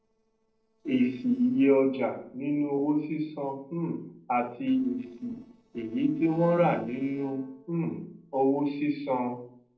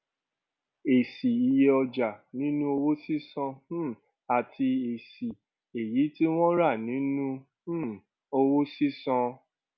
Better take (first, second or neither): second